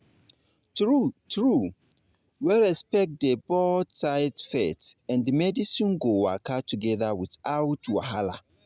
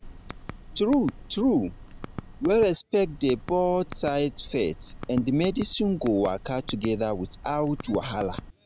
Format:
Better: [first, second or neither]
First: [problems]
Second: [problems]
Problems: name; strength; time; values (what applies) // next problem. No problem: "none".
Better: first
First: none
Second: background sound (Typing); 14 dB below the speech